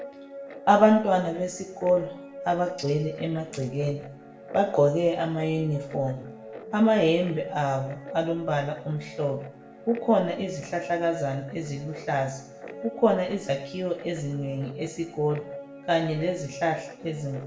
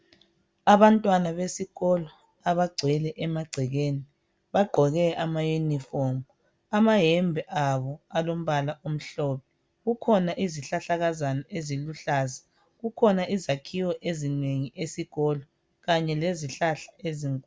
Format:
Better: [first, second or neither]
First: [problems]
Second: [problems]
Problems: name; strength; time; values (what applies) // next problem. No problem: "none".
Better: second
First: background sound (Guitar); 14 dB below the speech // room echo; dies away in 0.6 s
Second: none